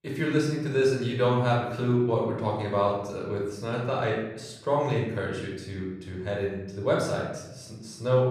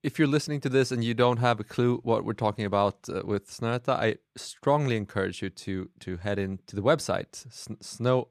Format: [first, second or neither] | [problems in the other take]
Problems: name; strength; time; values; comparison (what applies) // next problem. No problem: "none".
second | off-mic speech; far // room echo; noticeable; dies away in 0.8 s